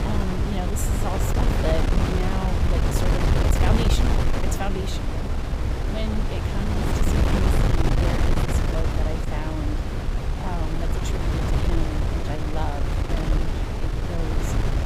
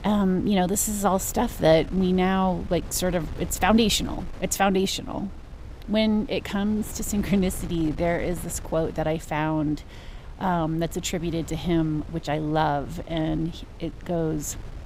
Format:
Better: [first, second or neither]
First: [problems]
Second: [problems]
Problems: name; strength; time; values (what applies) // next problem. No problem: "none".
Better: second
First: wind noise on the microphone; heavy; 4 dB above the speech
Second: wind noise on the microphone; occasional gusts; 20 dB below the speech